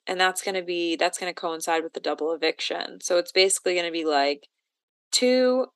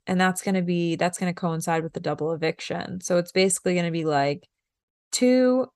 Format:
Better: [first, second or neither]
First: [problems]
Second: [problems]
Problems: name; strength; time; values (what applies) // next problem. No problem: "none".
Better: second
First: thin; somewhat; fading below 250 Hz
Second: none